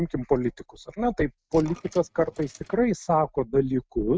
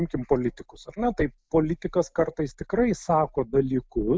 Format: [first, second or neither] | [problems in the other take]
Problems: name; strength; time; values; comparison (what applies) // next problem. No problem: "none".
second | noise reduction (neural mask model RNNoise)